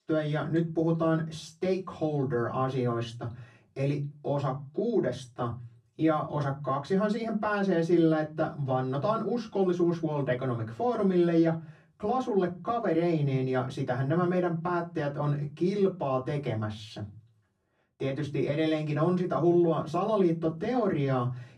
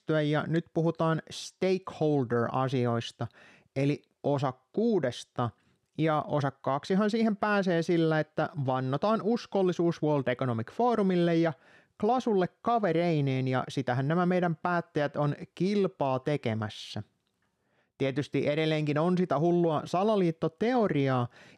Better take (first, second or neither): second